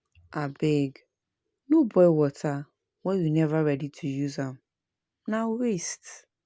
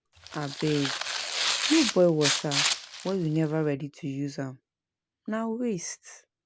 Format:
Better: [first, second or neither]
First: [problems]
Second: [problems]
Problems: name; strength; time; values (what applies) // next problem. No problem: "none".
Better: first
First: none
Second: background sound (Tearing); 2 dB below the speech